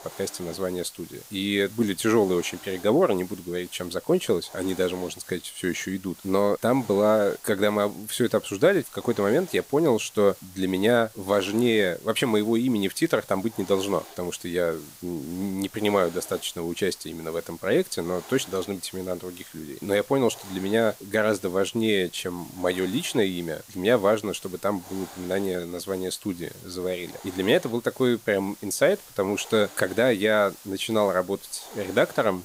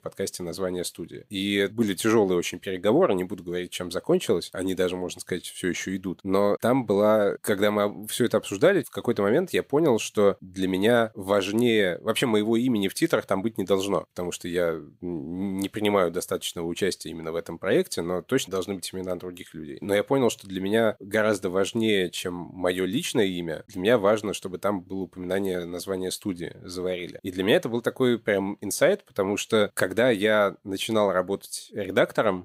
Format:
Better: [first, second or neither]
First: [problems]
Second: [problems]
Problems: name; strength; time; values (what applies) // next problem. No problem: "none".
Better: second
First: hiss; noticeable; throughout; 20 dB below the speech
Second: none